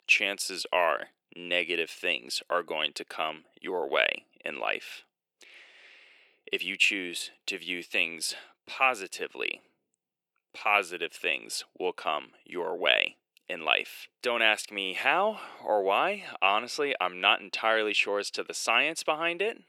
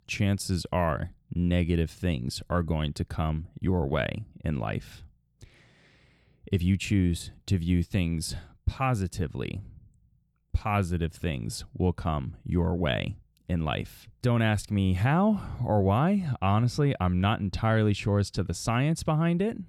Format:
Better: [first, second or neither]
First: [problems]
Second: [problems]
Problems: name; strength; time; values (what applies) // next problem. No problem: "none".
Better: second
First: thin; very; fading below 400 Hz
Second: none